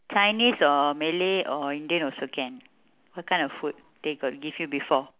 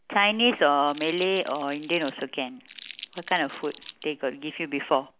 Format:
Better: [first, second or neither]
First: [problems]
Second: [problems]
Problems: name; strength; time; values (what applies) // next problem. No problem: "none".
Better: first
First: none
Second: background sound (Crumpling, crinkling); 18 dB below the speech